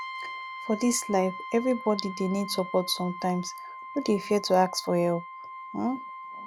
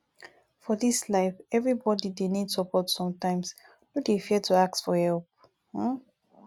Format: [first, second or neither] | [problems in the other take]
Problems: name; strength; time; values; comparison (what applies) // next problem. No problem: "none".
second | background sound (Brass instrument); 11 dB below the speech